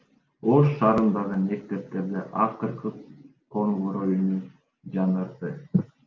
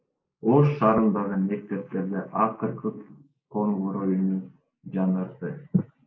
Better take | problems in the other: first | noise reduction (neural mask model Resemble Enhance denoiser)

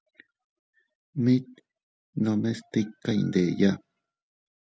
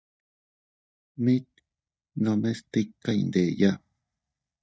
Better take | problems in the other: first | noise reduction (neural mask model DeepFilterNet 3)

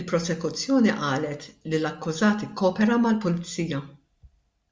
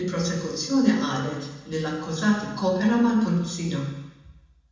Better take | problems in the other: first | room echo; dies away in 1 s

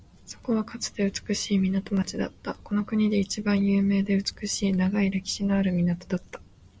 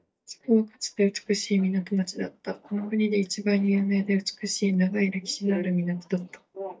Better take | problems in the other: first | noise reduction (neural mask model DeepFilterNet 3)

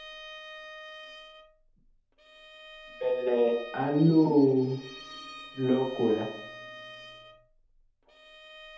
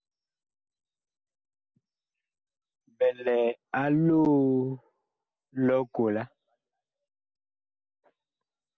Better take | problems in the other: second | background sound (Bowed string instrument); 17 dB below the speech // room echo; dies away in 0.7 s

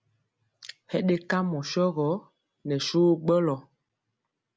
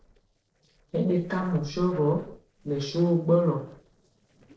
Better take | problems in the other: first | noise reduction (neural separator model SepFormer DNS4)

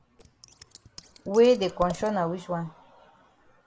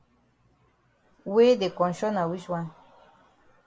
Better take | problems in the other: second | background sound (Scissors); 17 dB below the speech

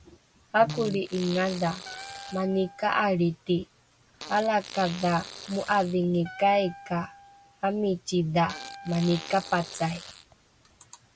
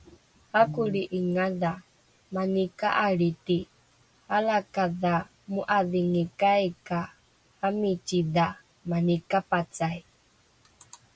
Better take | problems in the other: second | background sound (Wind instrument, woodwind instrument + Fart); 16 dB below the speech

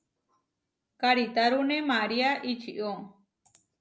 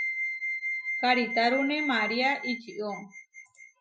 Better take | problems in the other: first | noise reduction (classical method Wiener filter)

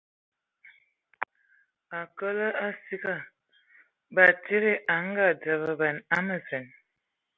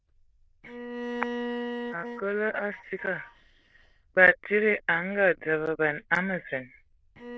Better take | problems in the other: first | noise reduction (neural diffusion model UNIVERSE++)

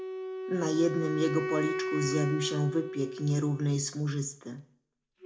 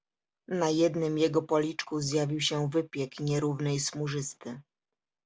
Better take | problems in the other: second | background sound (Wind instrument, woodwind instrument); 5 dB below the speech // room echo; dies away in 0.3 s

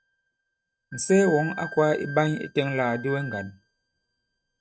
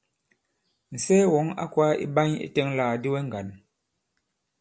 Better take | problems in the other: second | noise reduction (neural mask model RNNoise)

